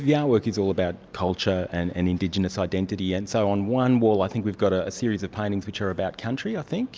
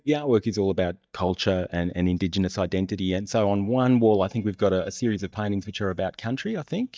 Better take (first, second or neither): first